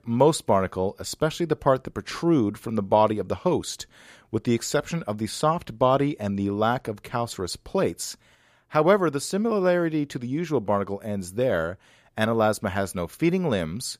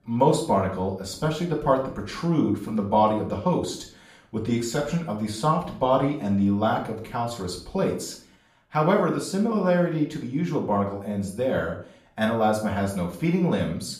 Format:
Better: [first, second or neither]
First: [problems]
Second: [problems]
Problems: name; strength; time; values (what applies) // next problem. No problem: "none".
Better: first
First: none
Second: off-mic speech; far // room echo; slight; dies away in 0.4 s